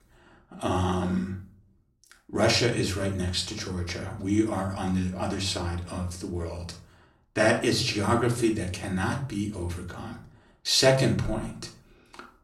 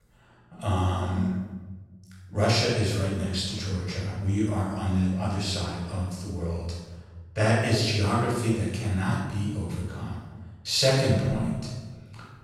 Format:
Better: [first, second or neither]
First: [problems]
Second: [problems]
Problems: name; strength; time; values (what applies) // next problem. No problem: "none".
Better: first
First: room echo; slight; dies away in 0.4 s // off-mic speech; far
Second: room echo; strong; dies away in 1.1 s // off-mic speech; far